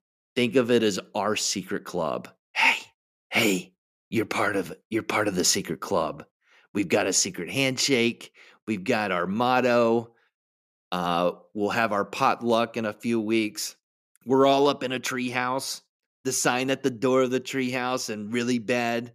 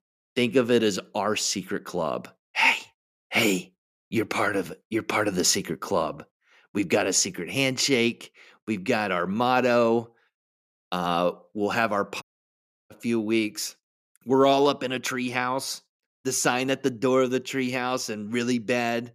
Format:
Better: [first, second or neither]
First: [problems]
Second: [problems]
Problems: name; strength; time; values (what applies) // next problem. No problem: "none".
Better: first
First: none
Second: audio cutting out; at 12 s for 0.5 s